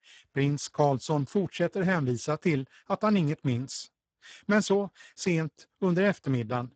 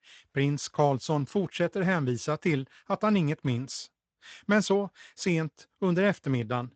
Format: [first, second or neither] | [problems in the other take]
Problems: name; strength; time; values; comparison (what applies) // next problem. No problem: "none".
second | garbled, watery; badly; nothing above 8 kHz; slightly in the second